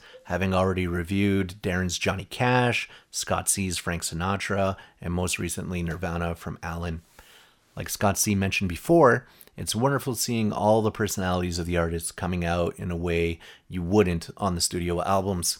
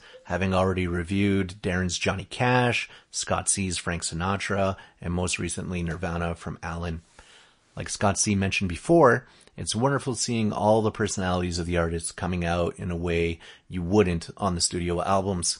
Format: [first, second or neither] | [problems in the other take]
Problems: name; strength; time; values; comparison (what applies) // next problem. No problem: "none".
first | garbled, watery; slightly; nothing above 10.5 kHz